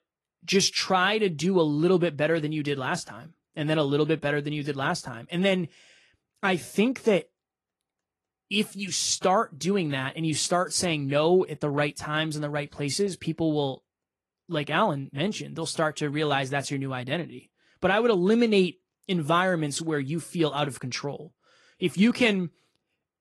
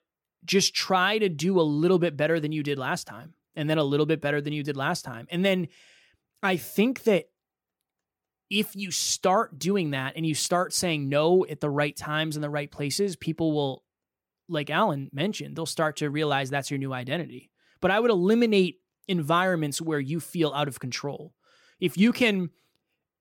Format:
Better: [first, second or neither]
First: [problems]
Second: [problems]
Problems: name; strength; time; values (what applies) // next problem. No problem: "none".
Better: second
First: garbled, watery; slightly; nothing above 11.5 kHz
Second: none